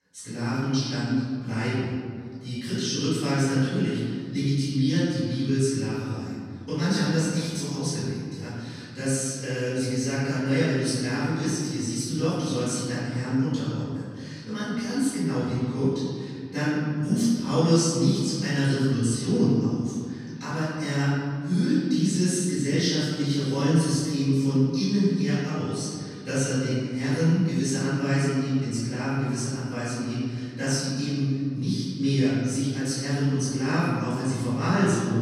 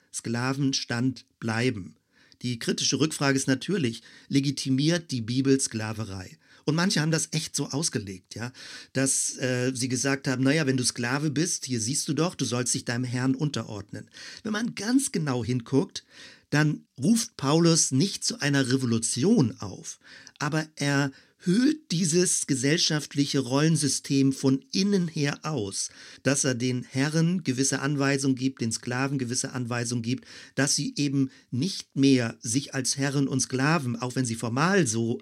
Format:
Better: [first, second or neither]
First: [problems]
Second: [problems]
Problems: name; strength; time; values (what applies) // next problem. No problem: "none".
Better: second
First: off-mic speech; far // room echo; strong; dies away in 2.1 s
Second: none